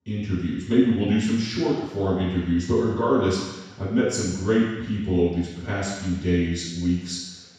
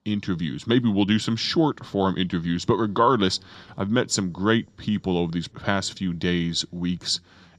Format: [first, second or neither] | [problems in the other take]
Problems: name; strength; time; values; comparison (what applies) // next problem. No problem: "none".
second | room echo; strong; dies away in 1.1 s; slight in the second // off-mic speech; far